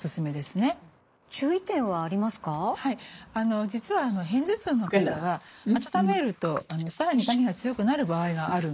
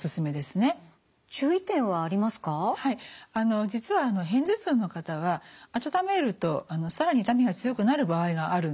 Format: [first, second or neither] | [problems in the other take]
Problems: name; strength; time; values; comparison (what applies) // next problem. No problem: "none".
second | noise reduction (neural mask model Resemble Enhance denoiser)